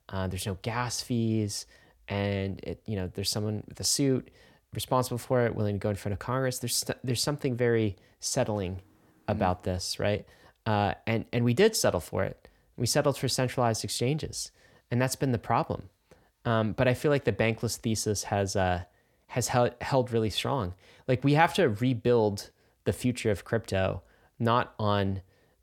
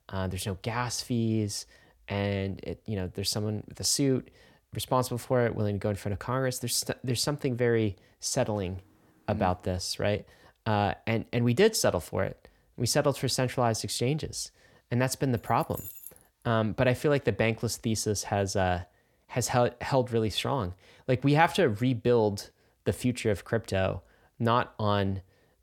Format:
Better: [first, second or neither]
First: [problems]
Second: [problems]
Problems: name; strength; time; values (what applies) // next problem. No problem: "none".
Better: first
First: none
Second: jangling keys; faint; at 15 s; peak 10 dB below the speech